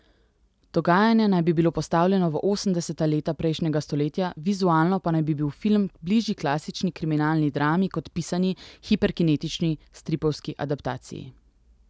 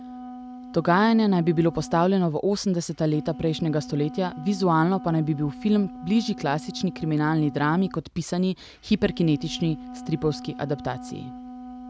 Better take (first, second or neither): first